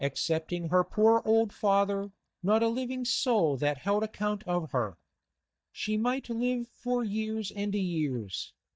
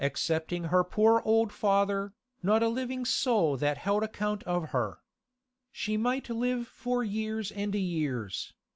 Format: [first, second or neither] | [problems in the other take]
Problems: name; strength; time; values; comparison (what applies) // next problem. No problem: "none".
second | noise reduction (neural mask model DeepFilterNet 3)